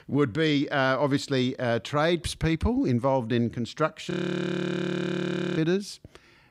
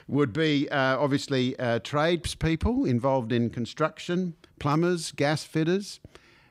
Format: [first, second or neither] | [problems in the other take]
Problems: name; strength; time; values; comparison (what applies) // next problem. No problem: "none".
second | audio freezing; at 4 s for 1.5 s